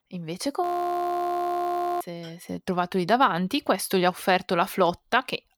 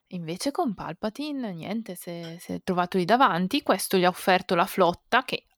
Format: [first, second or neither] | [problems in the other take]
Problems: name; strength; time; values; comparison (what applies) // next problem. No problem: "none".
second | audio freezing; at 0.5 s for 1.5 s